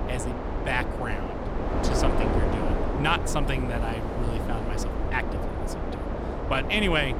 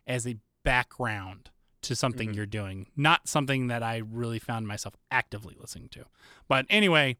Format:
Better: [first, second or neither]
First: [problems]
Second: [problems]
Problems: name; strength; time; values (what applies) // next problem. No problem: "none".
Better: second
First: wind noise on the microphone; heavy; 3 dB below the speech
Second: none